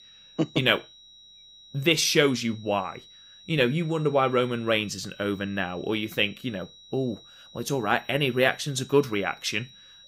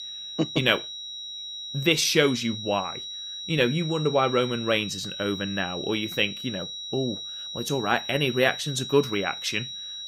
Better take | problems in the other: first | high-pitched whine; loud; throughout; 4 kHz, 8 dB below the speech; faint in the first

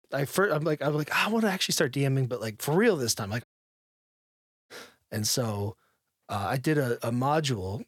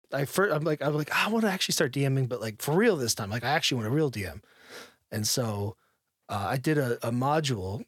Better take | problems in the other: second | audio cutting out; at 3.5 s for 1.5 s

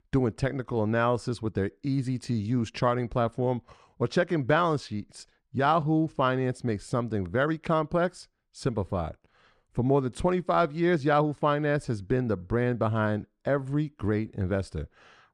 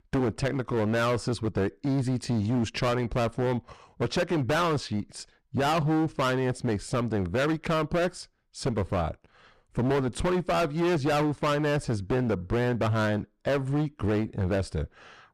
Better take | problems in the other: first | distortion; heavy; 19% of the sound clipped

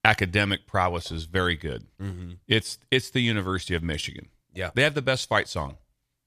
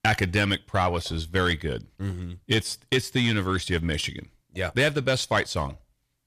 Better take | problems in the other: first | distortion; slight; 10 dB below the speech

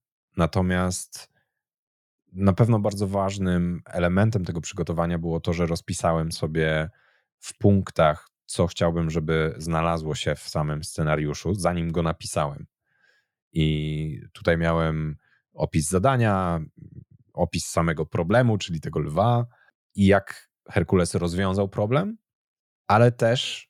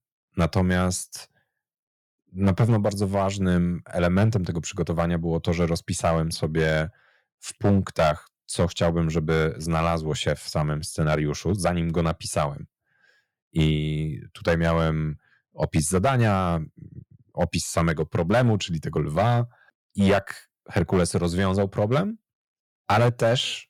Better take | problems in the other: first | distortion; slight; 4% of the sound clipped

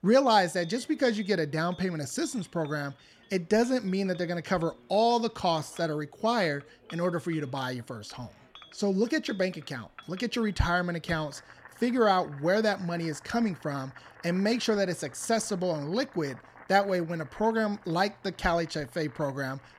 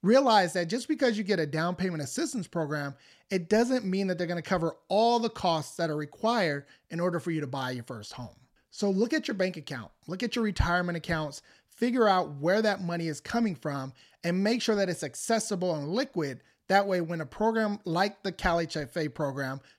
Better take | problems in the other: second | household noises; faint; throughout; 25 dB below the speech

